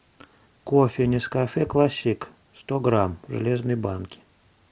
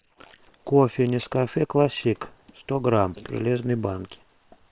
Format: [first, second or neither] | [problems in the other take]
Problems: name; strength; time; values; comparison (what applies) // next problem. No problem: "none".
first | noise reduction (neural separator model SepFormer WHAM!)